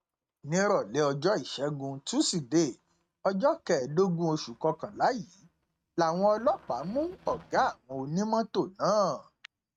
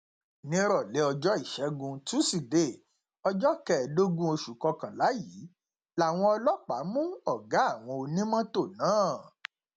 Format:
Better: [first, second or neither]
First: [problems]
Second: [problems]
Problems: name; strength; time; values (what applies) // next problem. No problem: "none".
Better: second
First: noise reduction (neural mask model RNNoise)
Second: none